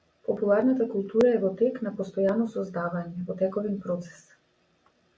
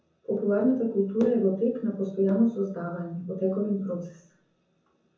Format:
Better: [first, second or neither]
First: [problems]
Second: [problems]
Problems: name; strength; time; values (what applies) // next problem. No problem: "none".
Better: first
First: none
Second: room echo; dies away in 0.6 s